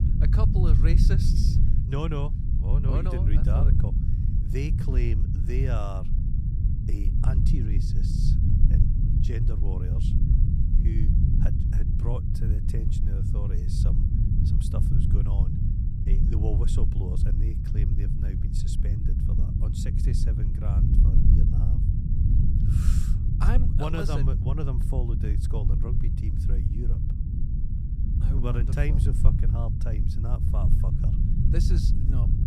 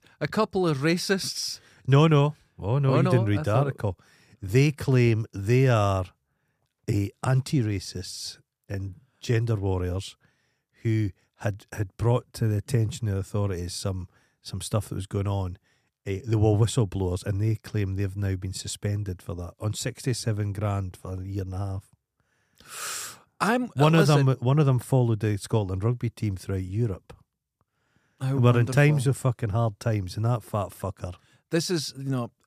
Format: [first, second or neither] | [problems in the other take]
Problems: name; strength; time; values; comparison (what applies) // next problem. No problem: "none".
second | low rumble; loud; throughout; as loud as the speech